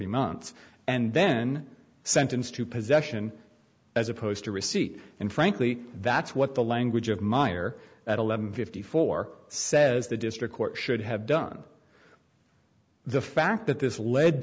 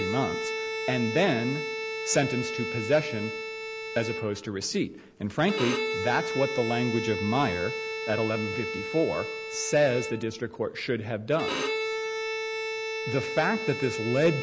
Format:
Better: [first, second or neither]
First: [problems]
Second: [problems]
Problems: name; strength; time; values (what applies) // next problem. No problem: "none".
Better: first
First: none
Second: background sound (Bowed string instrument); 4 dB below the speech